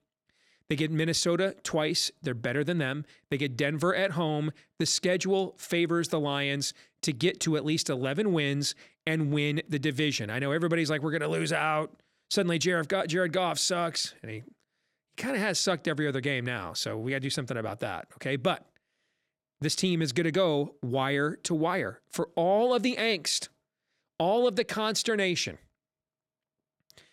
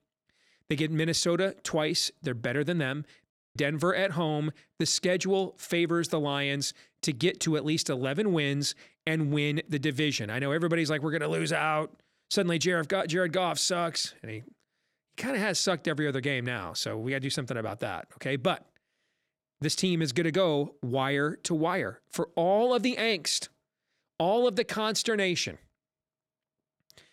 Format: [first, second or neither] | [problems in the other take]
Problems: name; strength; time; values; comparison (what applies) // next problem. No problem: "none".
first | audio cutting out; at 3.5 s